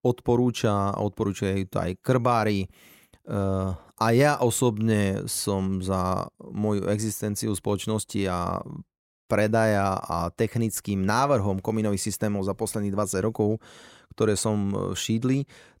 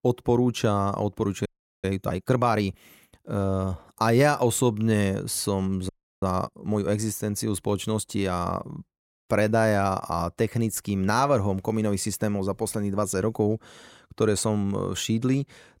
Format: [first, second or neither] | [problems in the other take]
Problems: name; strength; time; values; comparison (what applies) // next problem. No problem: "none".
first | audio freezing; at 1.5 s and at 6 s